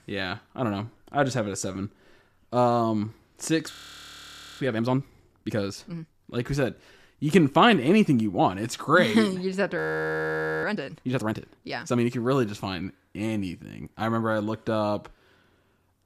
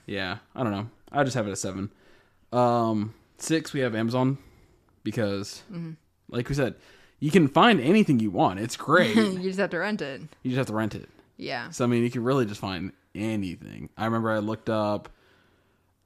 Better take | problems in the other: second | audio freezing; at 3.5 s for 1 s and at 10 s for 1 s

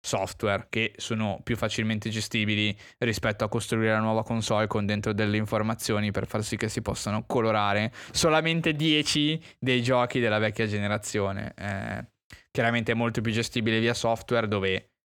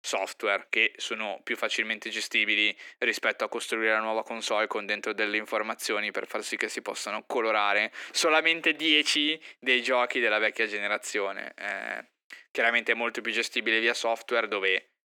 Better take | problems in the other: first | thin; somewhat; fading below 300 Hz

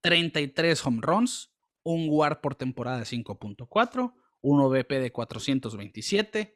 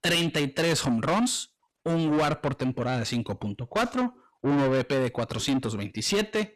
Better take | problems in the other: first | distortion; heavy; 7 dB below the speech

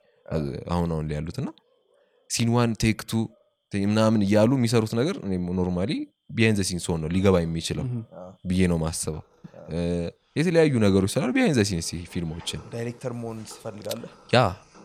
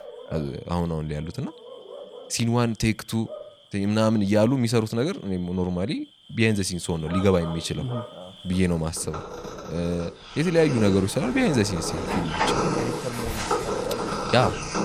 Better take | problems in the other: first | animal sounds; loud; throughout; 5 dB below the speech; faint in the first

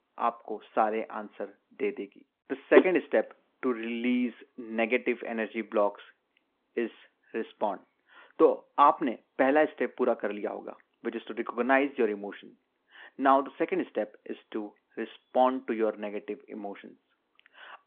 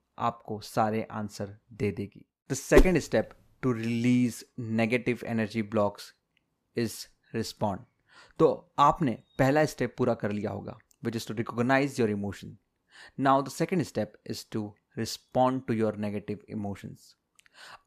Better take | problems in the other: second | phone-call audio

